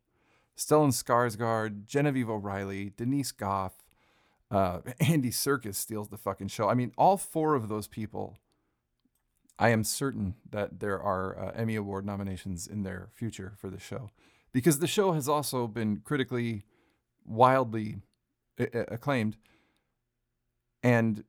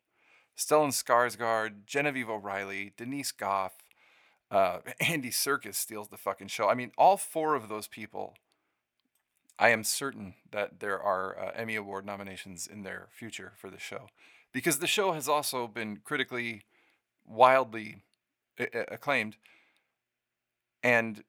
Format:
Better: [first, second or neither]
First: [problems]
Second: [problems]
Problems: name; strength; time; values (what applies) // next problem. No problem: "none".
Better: first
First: none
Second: thin; somewhat; fading below 650 Hz